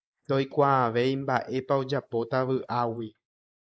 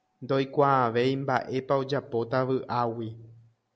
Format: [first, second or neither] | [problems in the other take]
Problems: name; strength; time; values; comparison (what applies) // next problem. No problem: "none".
second | noise reduction (neural mask model Resemble Enhance denoiser)